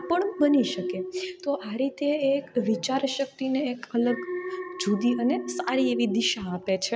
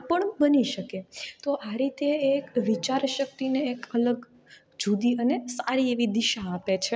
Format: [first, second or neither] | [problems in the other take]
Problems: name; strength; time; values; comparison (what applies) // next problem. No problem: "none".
second | background sound (Alarm); 10 dB below the speech